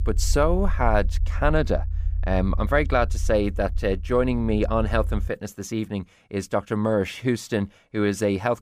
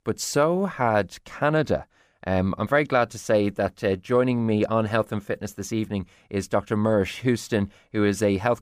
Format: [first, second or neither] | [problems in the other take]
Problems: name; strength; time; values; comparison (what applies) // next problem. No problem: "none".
second | low rumble; faint; until 5.5 s; 25 dB below the speech